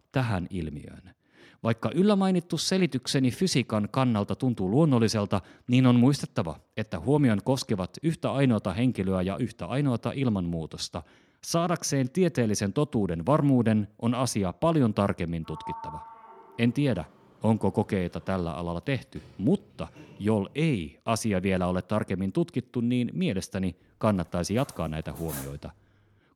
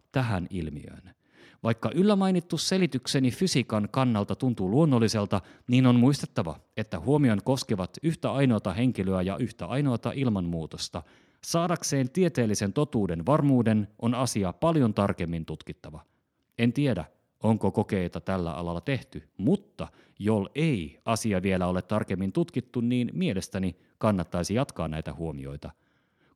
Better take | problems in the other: second | door banging; faint; from 15 to 21 s; peak 10 dB below the speech // clattering dishes; faint; at 25 s; peak 10 dB below the speech

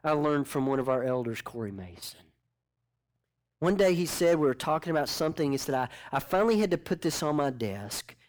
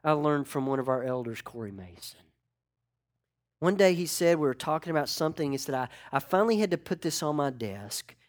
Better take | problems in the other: second | distortion; slight; 9 dB below the speech

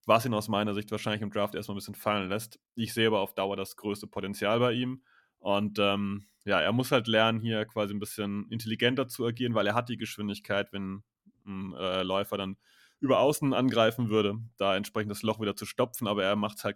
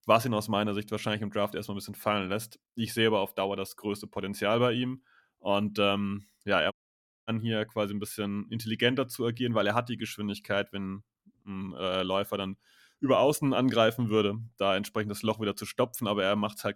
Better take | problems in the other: first | audio cutting out; at 6.5 s for 0.5 s

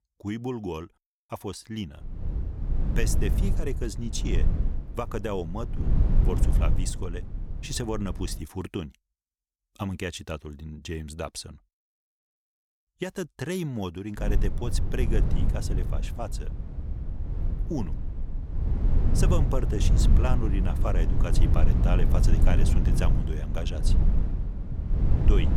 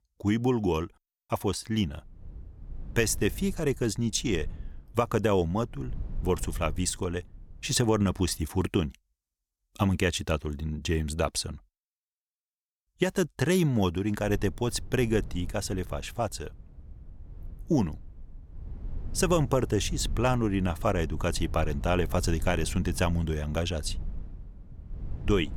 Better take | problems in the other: second | low rumble; loud; from 2 to 8.5 s and from 14 s on; 5 dB below the speech; faint in the second

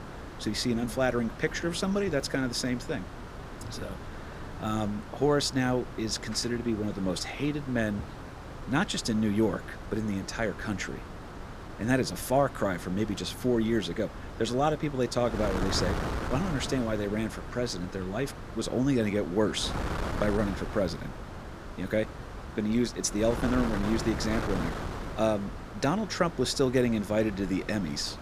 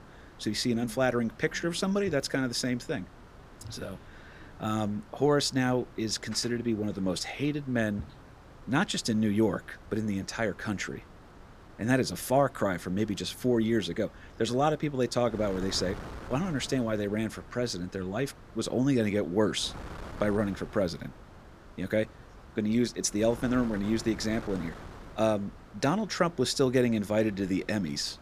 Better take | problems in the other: second | wind noise on the microphone; heavy; 9 dB below the speech; occasional gusts in the second

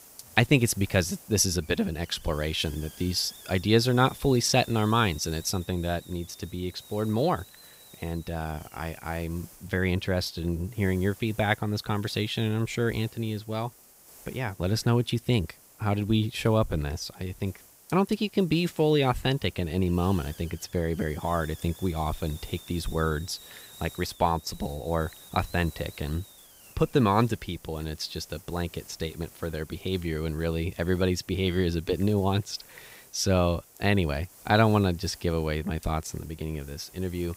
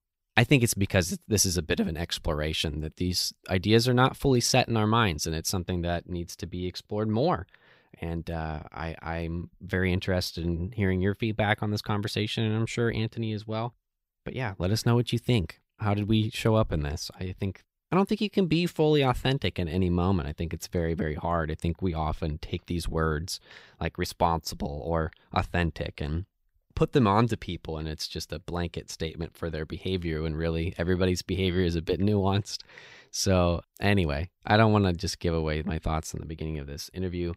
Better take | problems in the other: second | hiss; faint; throughout; 20 dB below the speech

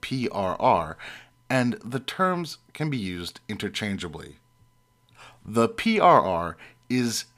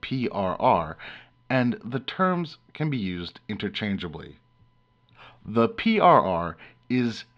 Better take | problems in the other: first | muffled; slightly; fading above 3.5 kHz

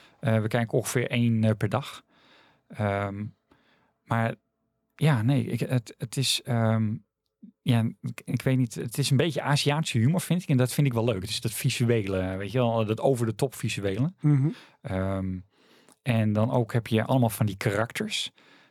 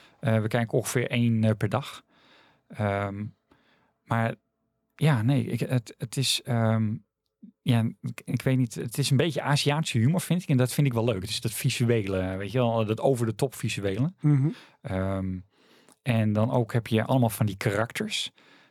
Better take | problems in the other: neither | none

